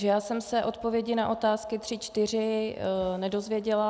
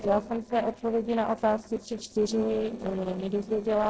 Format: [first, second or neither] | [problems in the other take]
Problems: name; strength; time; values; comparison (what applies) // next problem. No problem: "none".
first | noise reduction (neural separator model SepFormer DNS4)